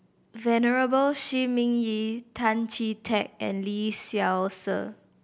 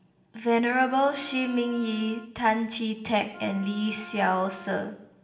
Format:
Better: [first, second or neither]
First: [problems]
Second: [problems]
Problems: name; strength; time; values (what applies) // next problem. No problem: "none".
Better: first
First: none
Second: background sound (Wind instrument, woodwind instrument); 19 dB below the speech // room echo; dies away in 0.8 s